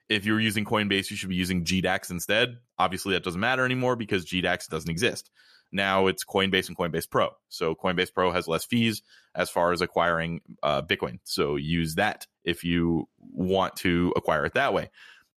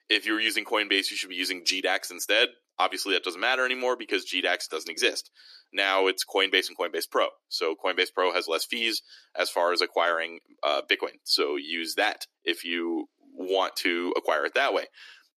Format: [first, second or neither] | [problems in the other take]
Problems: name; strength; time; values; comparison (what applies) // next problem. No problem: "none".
first | thin; somewhat; fading below 300 Hz